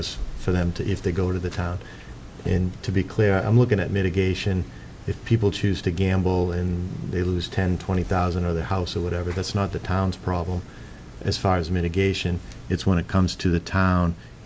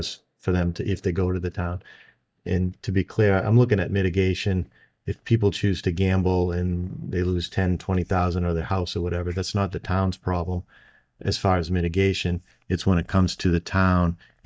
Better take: first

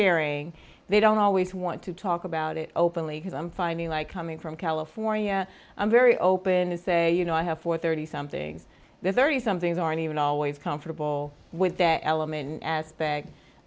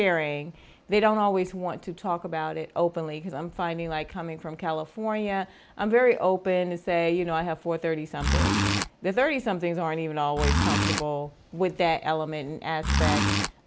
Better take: first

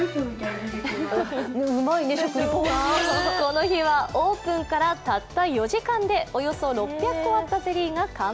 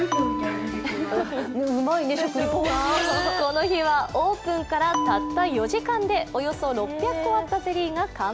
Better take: first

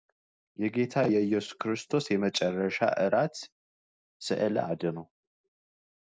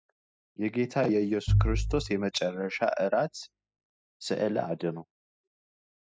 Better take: first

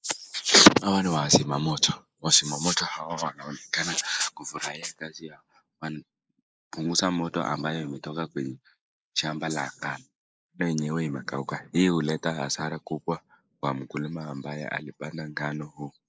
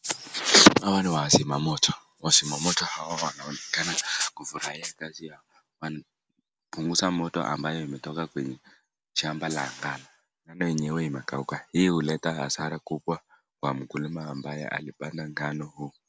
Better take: second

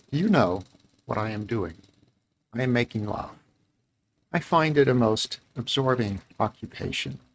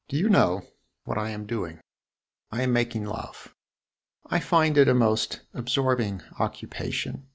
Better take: second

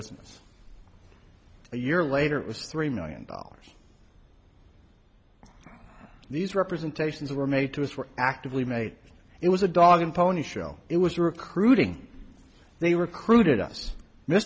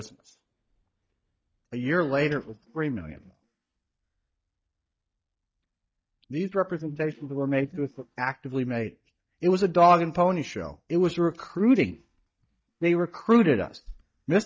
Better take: first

